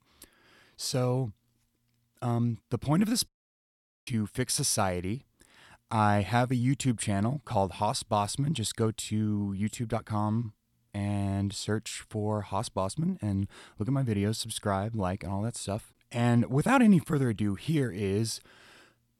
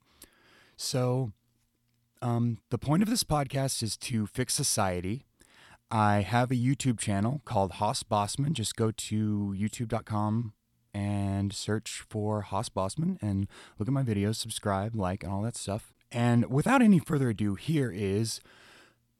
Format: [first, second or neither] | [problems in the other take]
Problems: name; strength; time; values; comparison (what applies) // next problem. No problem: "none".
second | audio cutting out; at 3.5 s for 1 s